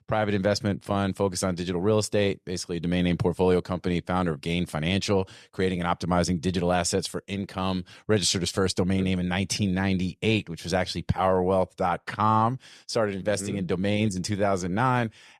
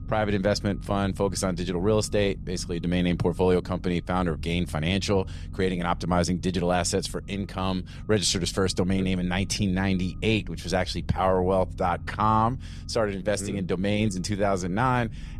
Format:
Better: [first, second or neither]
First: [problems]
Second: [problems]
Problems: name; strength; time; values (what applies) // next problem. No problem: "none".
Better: first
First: none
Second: low rumble; faint; throughout; 25 dB below the speech